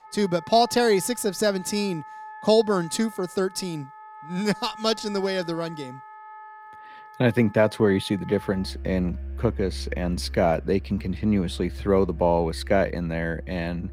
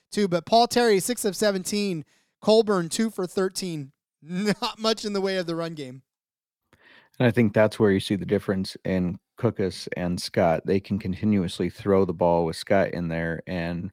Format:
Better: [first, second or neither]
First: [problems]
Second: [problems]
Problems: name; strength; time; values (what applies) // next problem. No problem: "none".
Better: second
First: background music; noticeable; throughout; 15 dB below the speech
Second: none